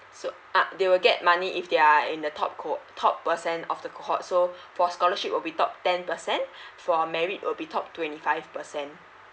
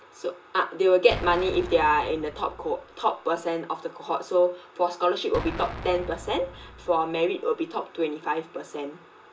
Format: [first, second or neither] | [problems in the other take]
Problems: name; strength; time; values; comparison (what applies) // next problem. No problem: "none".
first | background sound (Explosion); 13 dB below the speech // room echo; dies away in 0.2 s